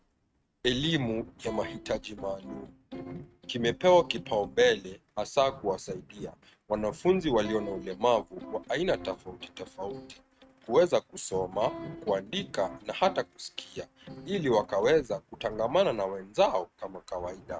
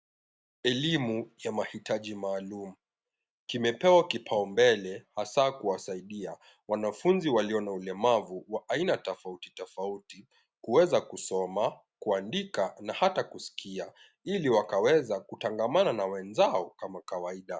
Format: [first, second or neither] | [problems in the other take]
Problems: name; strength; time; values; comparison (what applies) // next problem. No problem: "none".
second | noise reduction (neural mask model RNNoise)